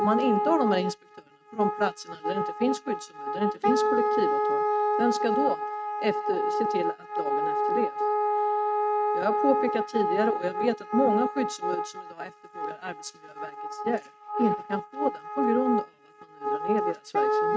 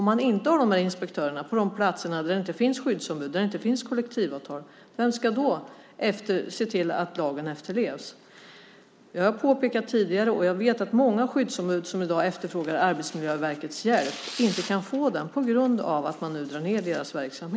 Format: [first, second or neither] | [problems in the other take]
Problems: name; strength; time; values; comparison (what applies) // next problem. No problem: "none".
second | noise reduction (neural mask model RNNoise)